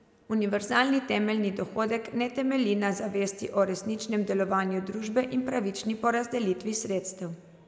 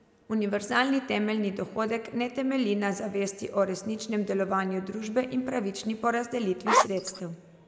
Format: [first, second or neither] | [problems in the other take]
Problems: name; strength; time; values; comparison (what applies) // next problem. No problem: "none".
first | background sound (Zipper (clothing)); 4 dB above the speech